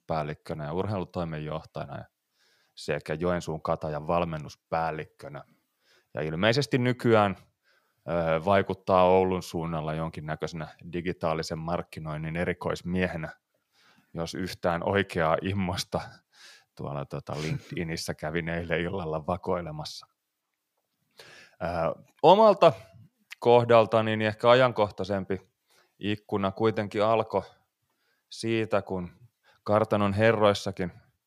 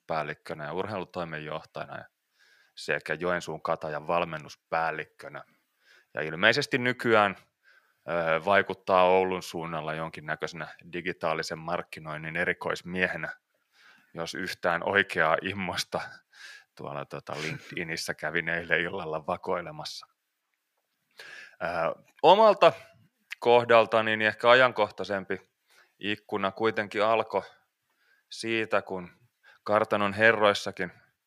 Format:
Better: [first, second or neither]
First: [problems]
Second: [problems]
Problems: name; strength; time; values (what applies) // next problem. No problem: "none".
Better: first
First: none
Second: thin; very slightly; fading below 350 Hz